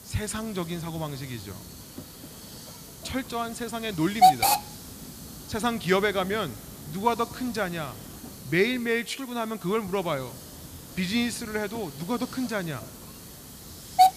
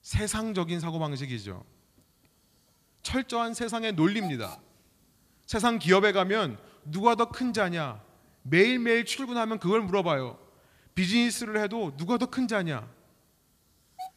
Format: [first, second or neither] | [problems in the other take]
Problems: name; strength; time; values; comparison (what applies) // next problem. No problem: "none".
second | hiss; loud; throughout; 2 dB below the speech; faint in the second